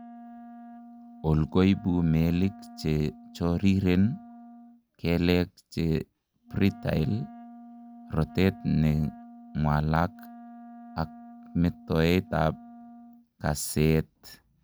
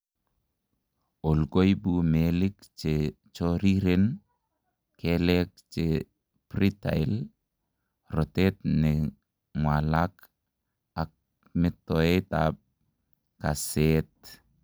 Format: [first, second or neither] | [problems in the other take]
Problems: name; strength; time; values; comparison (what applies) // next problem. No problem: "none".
second | background sound (Wind instrument, woodwind instrument); 20 dB below the speech